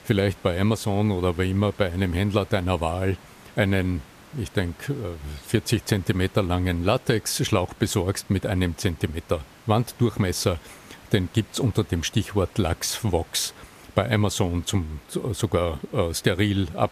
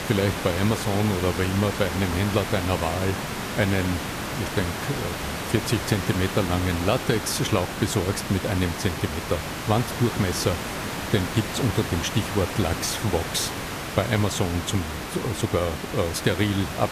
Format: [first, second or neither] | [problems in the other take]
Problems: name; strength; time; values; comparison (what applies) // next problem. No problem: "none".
first | hiss; loud; throughout; 4 dB below the speech; faint in the first